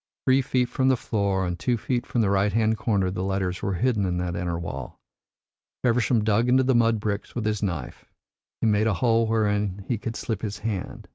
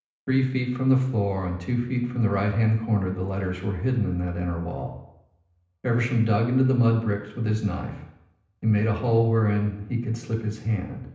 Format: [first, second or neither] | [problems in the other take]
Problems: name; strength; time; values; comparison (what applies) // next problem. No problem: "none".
first | room echo; dies away in 0.8 s